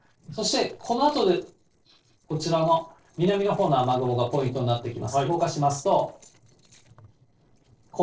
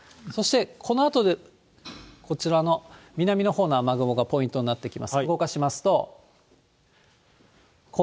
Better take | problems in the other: second | noise reduction (neural separator model SepFormer DNS4)

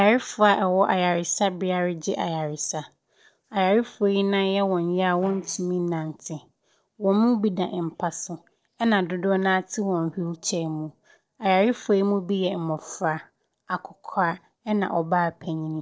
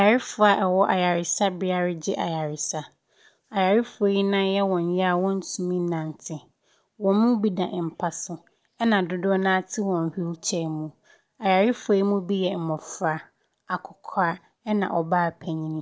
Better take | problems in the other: second | noise reduction (neural separator model SepFormer DNS4)

